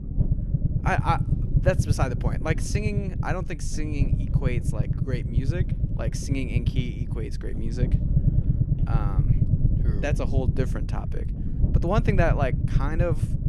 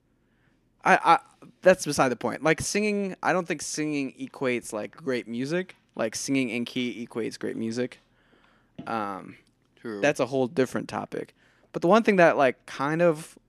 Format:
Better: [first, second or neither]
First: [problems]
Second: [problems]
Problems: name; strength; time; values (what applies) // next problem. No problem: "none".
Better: second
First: low rumble; loud; throughout; 7 dB below the speech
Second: none